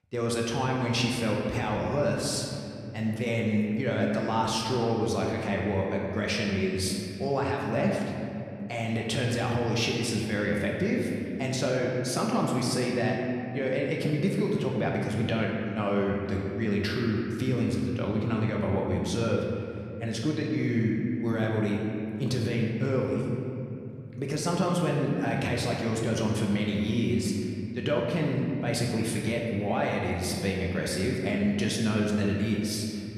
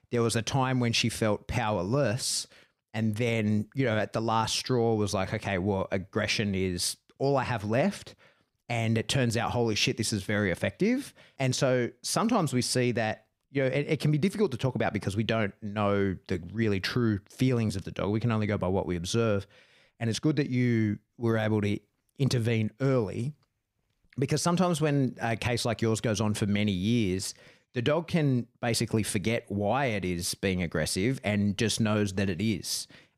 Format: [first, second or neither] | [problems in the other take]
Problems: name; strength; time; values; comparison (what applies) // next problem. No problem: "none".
second | room echo; noticeable; dies away in 2.6 s // off-mic speech; somewhat distant